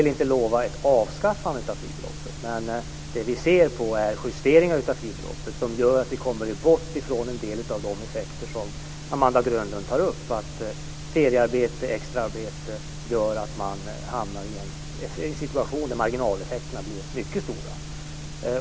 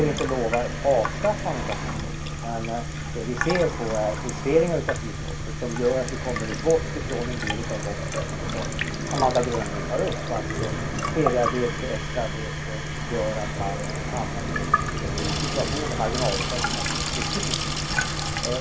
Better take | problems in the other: first | background sound (Sink (filling or washing) / Water tap, faucet); 3 dB below the speech // room echo; dies away in 0.2 s

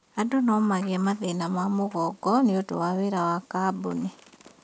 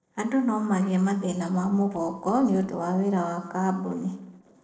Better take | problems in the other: first | noise reduction (neural separator model SepFormer DNS4)

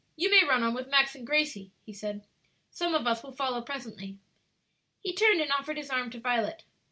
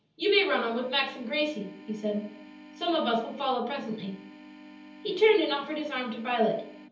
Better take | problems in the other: first | background sound (Organ); 19 dB below the speech // room echo; dies away in 0.7 s

